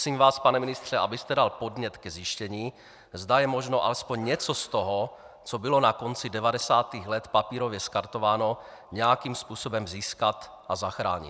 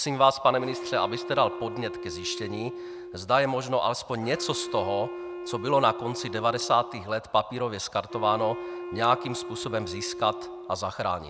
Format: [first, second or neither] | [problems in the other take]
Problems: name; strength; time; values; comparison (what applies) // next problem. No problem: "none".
first | background sound (Wind instrument, woodwind instrument); 10 dB below the speech